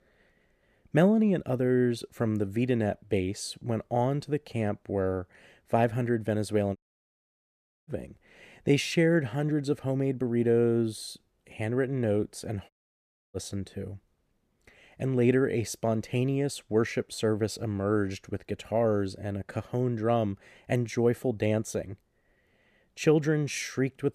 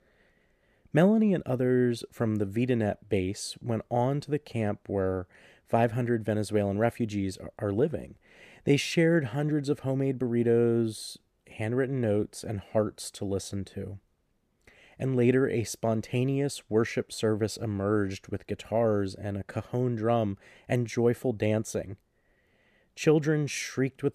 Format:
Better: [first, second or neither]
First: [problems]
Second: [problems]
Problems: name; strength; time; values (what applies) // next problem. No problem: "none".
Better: second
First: audio cutting out; at 7 s for 1 s and at 13 s for 0.5 s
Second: none